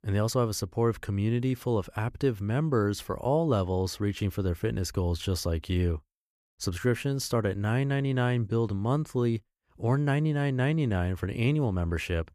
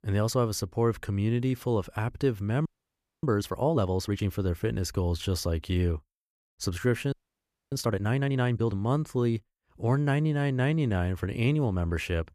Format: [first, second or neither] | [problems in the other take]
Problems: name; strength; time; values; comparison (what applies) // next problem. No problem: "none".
first | audio freezing; at 2.5 s for 0.5 s and at 7 s for 0.5 s